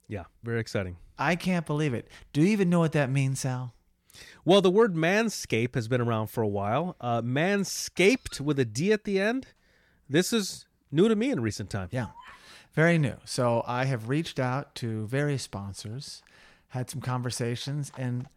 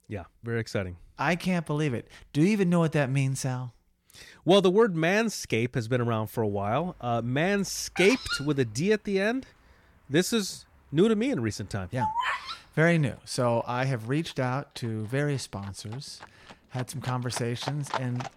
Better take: first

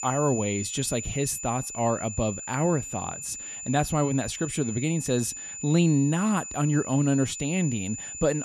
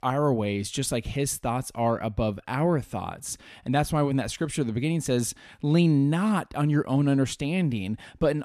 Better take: second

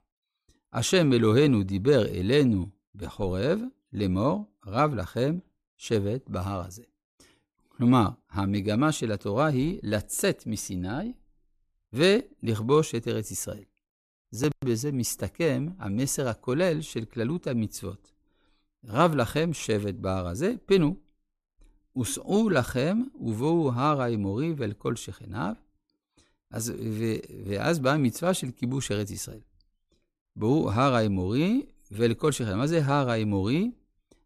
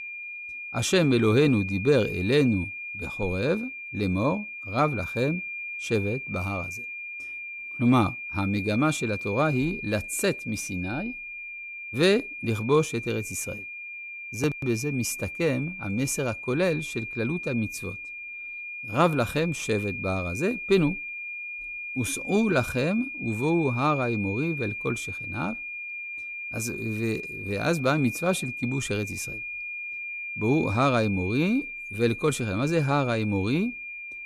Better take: first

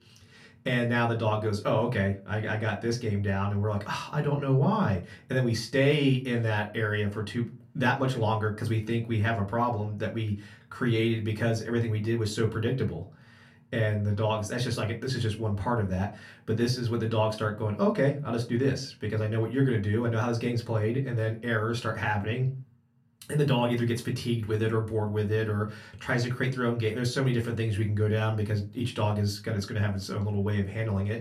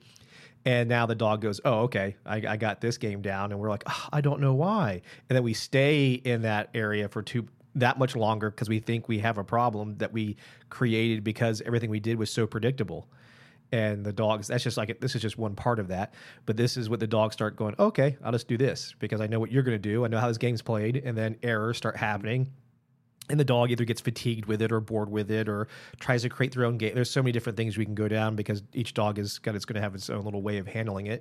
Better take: second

